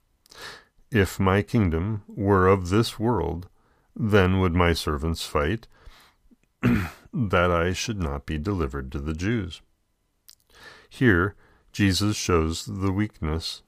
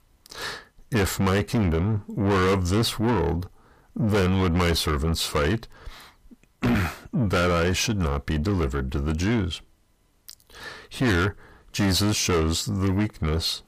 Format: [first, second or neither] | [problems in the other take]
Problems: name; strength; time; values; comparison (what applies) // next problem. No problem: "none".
first | distortion; heavy; 6 dB below the speech